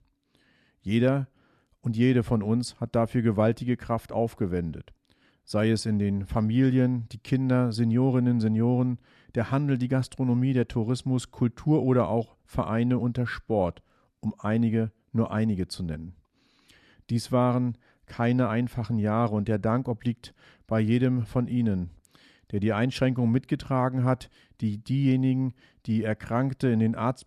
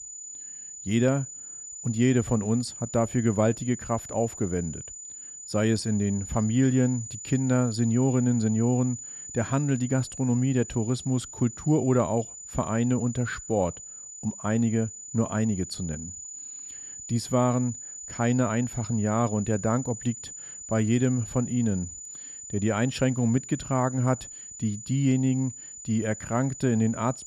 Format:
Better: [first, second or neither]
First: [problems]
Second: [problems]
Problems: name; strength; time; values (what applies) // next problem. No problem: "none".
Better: first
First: none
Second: high-pitched whine; noticeable; throughout; 7 kHz, 10 dB below the speech